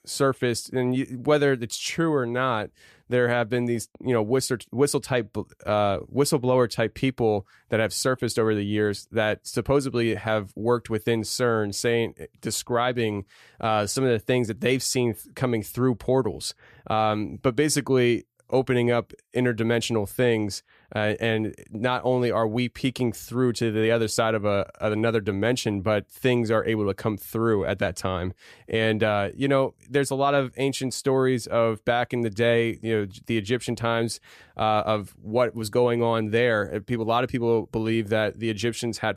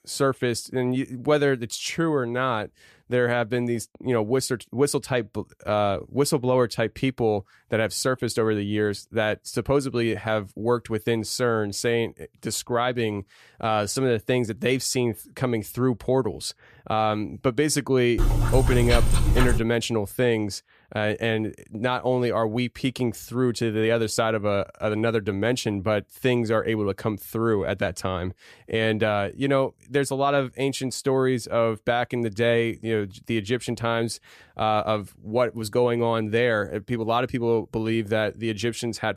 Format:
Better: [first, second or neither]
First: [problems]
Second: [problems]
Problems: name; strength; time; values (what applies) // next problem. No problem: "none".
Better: first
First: none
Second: dog barking; loud; from 18 to 20 s; peak 2 dB above the speech